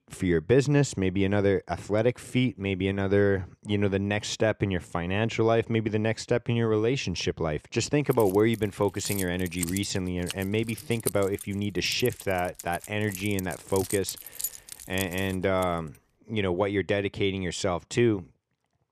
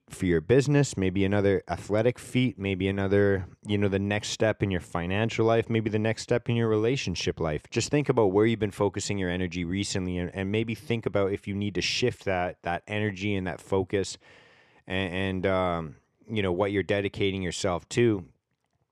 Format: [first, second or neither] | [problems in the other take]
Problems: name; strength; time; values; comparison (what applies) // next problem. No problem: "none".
second | jangling keys; noticeable; from 8 to 16 s; peak 6 dB below the speech